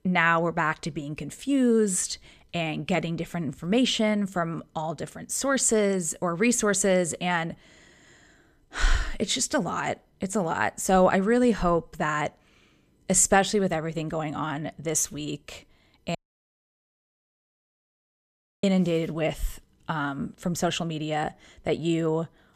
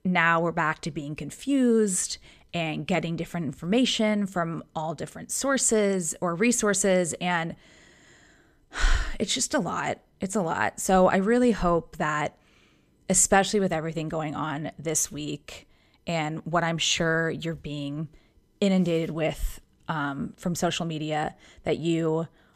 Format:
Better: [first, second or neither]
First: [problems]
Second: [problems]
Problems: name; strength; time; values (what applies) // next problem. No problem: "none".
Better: second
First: audio cutting out; at 16 s for 2.5 s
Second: none